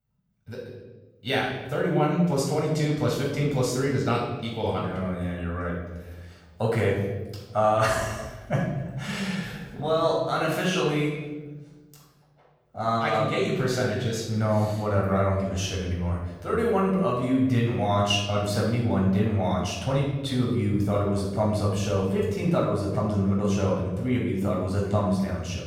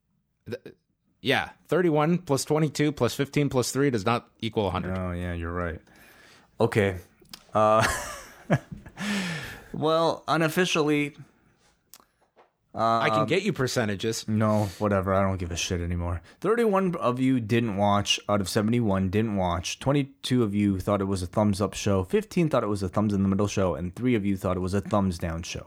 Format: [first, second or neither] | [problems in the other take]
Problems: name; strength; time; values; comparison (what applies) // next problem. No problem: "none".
second | off-mic speech; far // room echo; noticeable; dies away in 1.2 s